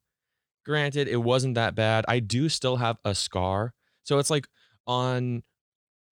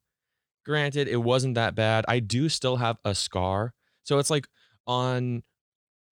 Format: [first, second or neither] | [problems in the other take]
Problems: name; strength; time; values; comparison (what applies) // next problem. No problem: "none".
neither | none